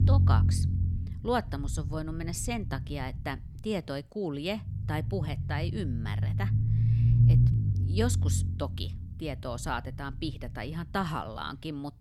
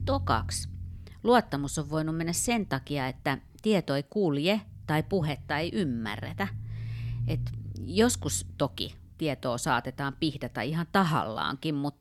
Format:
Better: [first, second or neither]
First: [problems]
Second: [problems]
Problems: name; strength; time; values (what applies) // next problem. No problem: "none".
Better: second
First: low rumble; loud; throughout; 6 dB below the speech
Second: low rumble; faint; throughout; 25 dB below the speech